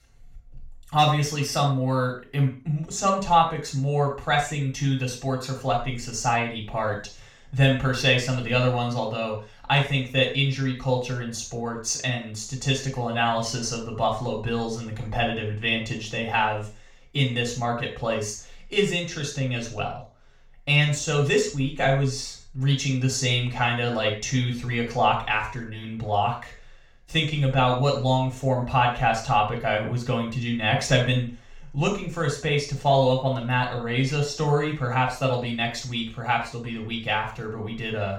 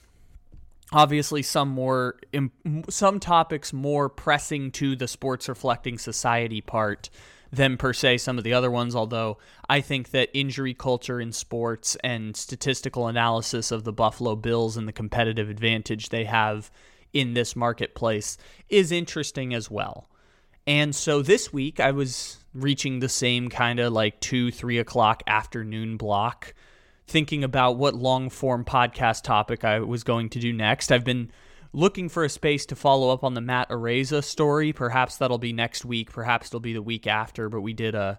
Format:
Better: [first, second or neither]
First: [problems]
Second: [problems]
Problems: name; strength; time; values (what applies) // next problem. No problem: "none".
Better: second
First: room echo; noticeable; dies away in 0.4 s // off-mic speech; far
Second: none